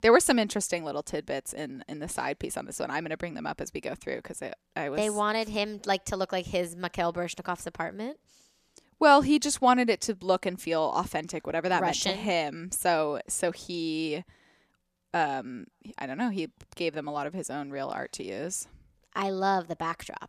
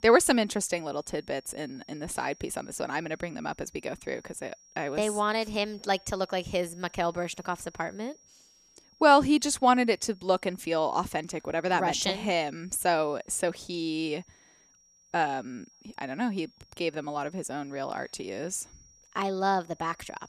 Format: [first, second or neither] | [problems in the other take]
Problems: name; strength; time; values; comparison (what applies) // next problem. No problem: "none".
first | high-pitched whine; faint; throughout; 5.5 kHz, 25 dB below the speech